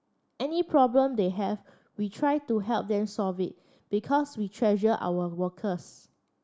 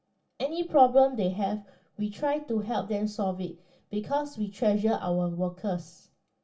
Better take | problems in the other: first | room echo; dies away in 0.2 s

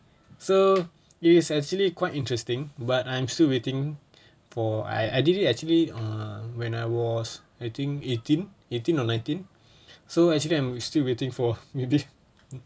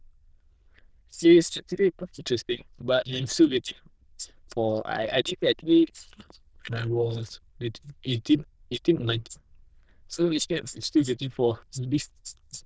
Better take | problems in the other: first | noise reduction (neural diffusion model UNIVERSE++)

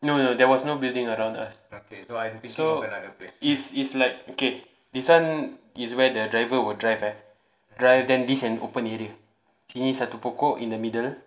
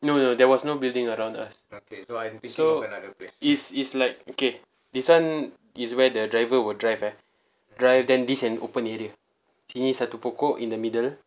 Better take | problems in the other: second | room echo; dies away in 0.6 s

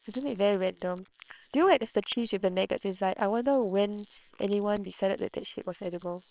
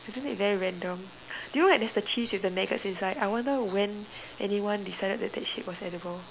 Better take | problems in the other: second | noise reduction (neural separator model SepFormer WHAMR!)

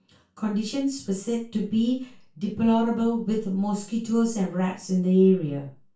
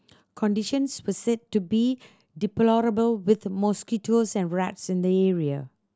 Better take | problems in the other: second | room echo; dies away in 0.3 s

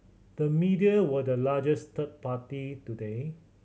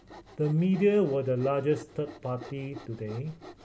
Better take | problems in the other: first | background sound (Sawing); 19 dB below the speech

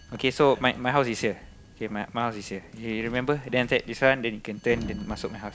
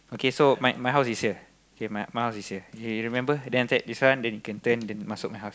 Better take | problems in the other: second | background sound (Sliding door); 17 dB below the speech

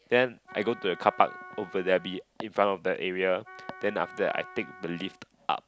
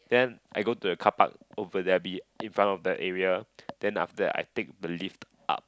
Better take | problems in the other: second | background sound (Wind instrument, woodwind instrument); 18 dB below the speech

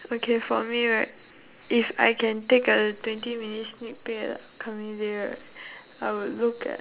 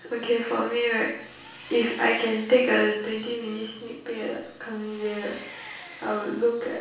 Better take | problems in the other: first | background sound (Engine); 19 dB below the speech // room echo; dies away in 0.6 s

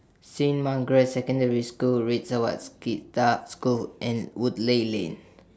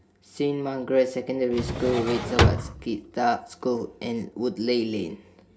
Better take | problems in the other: first | background sound (Drawer open or close); 1 dB above the speech // room echo; dies away in 0.3 s

